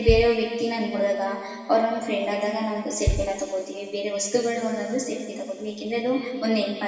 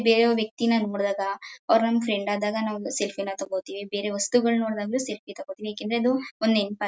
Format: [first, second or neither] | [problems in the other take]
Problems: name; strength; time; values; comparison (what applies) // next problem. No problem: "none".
second | background sound (Bass drum); 7 dB below the speech // room echo; dies away in 2.4 s